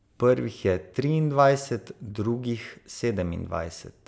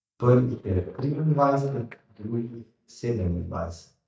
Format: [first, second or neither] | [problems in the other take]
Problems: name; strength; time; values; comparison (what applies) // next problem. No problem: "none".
first | noise reduction (neural mask model DeepFilterNet 3)